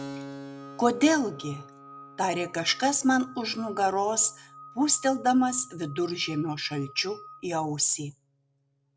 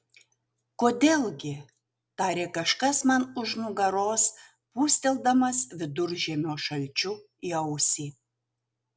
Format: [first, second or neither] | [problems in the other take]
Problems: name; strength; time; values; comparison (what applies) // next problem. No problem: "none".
second | background sound (Keyboard (musical) + Screech / Glass); 18 dB below the speech